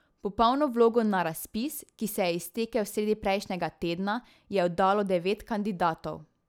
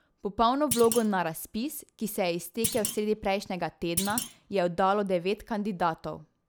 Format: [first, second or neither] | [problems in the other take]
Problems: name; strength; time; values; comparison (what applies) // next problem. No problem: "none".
first | background sound (Thump, thud); 9 dB below the speech